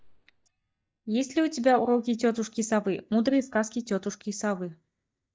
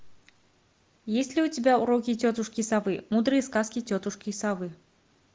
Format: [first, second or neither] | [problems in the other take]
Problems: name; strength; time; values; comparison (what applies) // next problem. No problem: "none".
second | noise reduction (neural mask model DeepFilterNet 3)